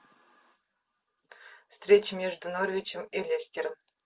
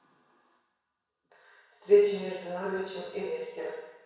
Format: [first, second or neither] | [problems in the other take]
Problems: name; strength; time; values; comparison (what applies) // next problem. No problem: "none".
first | room echo; dies away in 1.1 s